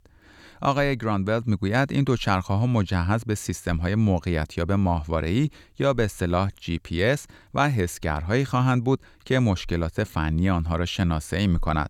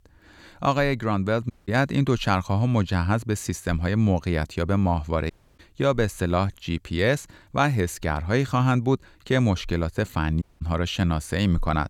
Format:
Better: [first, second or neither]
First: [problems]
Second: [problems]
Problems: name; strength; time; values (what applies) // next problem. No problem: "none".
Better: first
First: none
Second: audio cutting out; at 1.5 s, at 5.5 s and at 10 s